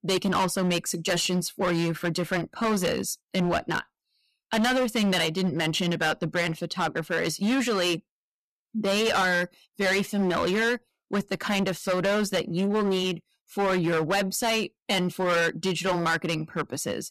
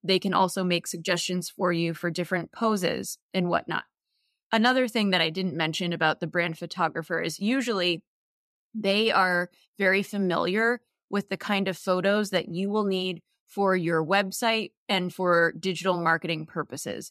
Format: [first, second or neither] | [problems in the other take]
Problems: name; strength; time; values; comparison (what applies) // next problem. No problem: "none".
second | distortion; heavy; 16% of the sound clipped